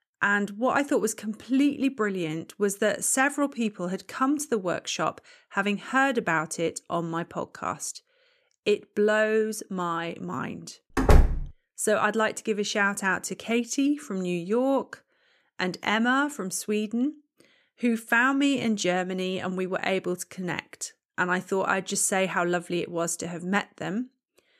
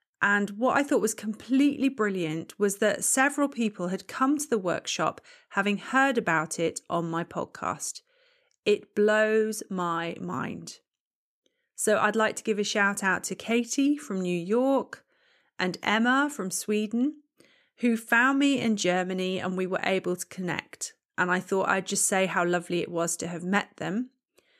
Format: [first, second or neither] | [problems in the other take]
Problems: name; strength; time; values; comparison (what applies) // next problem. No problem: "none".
second | door banging; loud; at 11 s; peak 6 dB above the speech